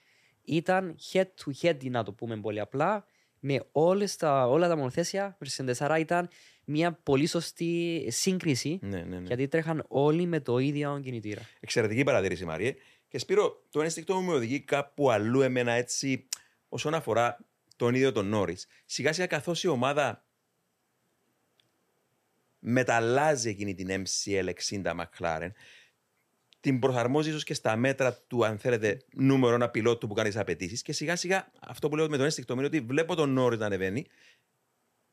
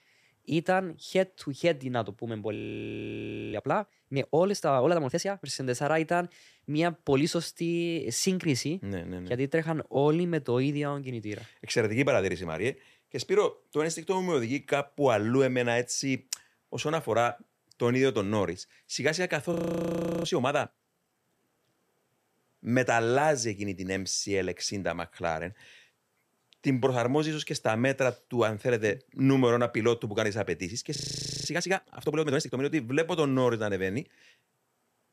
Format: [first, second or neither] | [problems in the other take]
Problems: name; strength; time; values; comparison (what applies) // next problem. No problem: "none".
first | audio freezing; at 2.5 s for 1 s, at 20 s for 0.5 s and at 31 s for 0.5 s